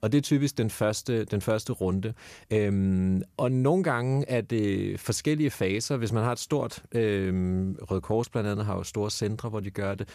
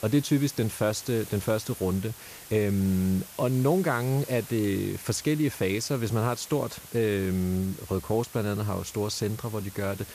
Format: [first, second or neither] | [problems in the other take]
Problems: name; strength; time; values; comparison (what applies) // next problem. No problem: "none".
first | hiss; noticeable; throughout; 15 dB below the speech